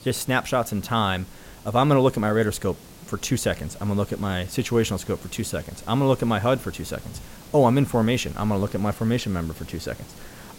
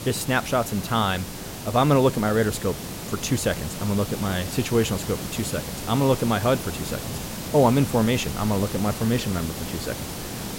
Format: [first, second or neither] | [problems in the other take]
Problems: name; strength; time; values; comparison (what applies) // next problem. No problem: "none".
first | hiss; loud; throughout; 8 dB below the speech; faint in the first